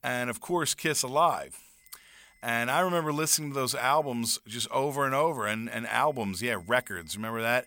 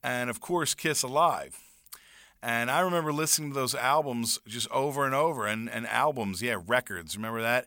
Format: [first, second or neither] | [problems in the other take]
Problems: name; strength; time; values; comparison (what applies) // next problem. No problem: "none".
second | high-pitched whine; faint; from 2 to 4.5 s and from 6 s on; 2 kHz, 35 dB below the speech